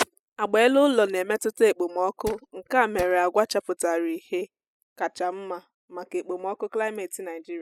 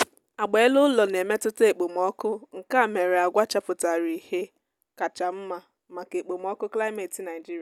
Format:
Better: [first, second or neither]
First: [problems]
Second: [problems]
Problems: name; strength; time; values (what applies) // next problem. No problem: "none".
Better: second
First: noise reduction (classical method spectral subtraction)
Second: none